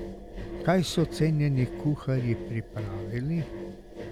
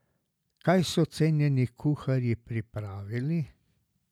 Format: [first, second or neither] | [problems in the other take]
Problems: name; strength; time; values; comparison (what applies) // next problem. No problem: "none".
second | background sound (Engine); 10 dB below the speech